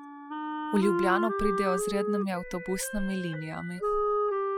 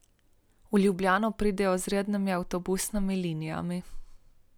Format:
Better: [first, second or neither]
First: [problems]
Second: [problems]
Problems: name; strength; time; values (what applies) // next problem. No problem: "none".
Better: second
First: noise reduction (classical method spectral subtraction)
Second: none